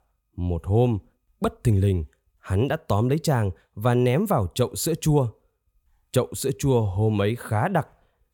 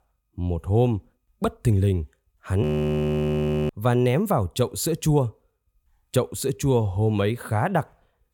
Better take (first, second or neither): first